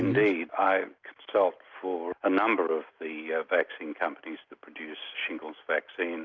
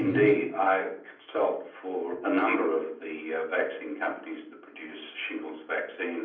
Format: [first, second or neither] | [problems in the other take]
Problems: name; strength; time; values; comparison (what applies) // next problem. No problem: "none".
first | room echo; dies away in 0.6 s